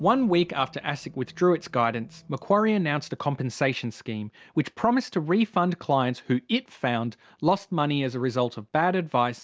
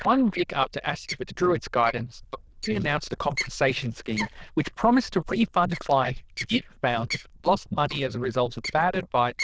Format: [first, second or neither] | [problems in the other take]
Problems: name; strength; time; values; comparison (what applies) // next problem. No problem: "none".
first | noise reduction (neural diffusion model UNIVERSE++)